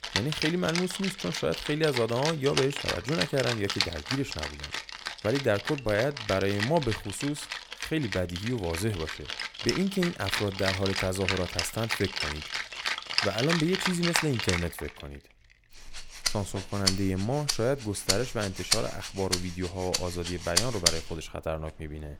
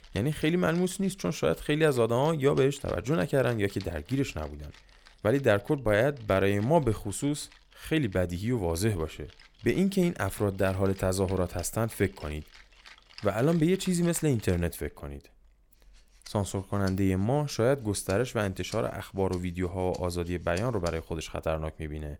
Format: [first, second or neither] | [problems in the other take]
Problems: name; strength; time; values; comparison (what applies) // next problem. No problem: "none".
second | background music; loud; throughout; 1 dB below the speech; faint in the second